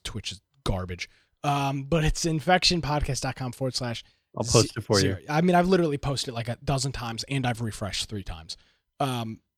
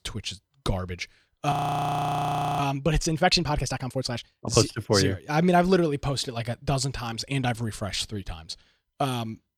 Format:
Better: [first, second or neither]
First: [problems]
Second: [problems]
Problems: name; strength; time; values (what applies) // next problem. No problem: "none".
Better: first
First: none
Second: audio freezing; at 1.5 s for 1 s